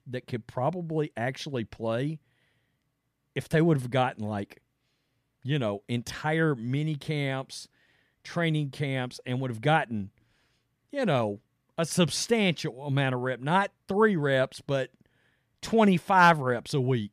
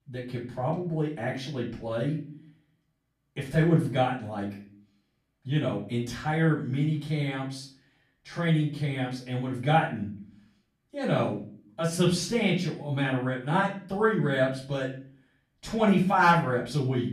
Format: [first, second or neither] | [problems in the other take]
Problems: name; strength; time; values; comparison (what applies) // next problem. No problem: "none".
first | off-mic speech; far // room echo; slight; dies away in 0.4 s